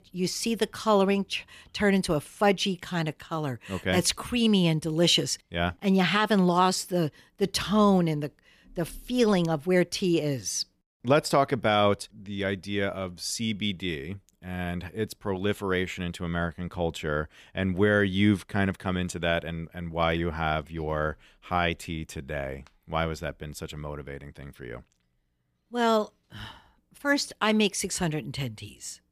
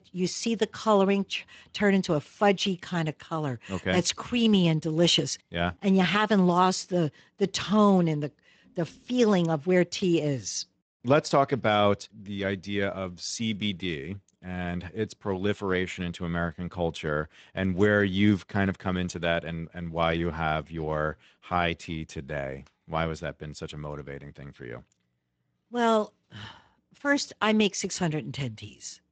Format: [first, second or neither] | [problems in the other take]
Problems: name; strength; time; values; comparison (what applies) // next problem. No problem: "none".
first | garbled, watery; slightly; nothing above 7.5 kHz